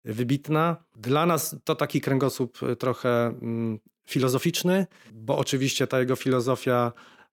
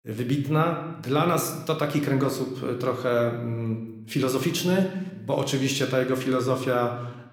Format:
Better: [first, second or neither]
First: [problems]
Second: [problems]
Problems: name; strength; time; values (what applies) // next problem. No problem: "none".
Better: first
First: none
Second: room echo; slight; dies away in 0.8 s